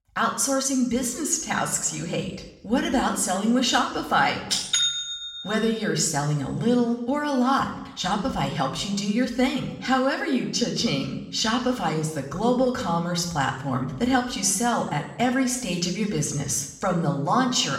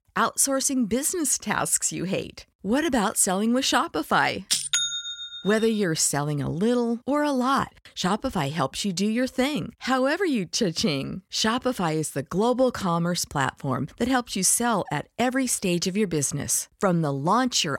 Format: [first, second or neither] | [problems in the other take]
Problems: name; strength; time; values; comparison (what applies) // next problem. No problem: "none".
second | room echo; slight; dies away in 0.8 s // off-mic speech; somewhat distant